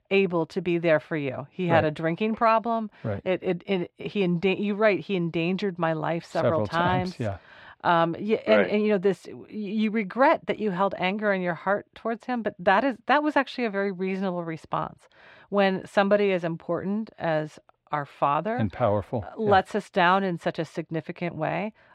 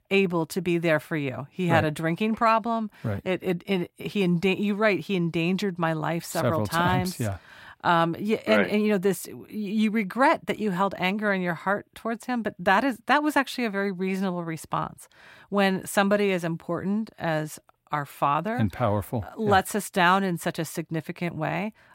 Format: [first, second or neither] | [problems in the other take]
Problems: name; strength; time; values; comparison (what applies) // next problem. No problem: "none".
second | muffled; very slightly; fading above 3.5 kHz